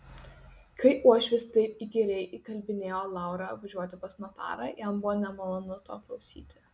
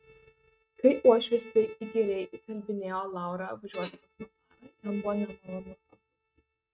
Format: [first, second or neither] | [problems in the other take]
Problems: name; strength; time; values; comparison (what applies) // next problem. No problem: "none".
first | noise reduction (neural mask model RNNoise)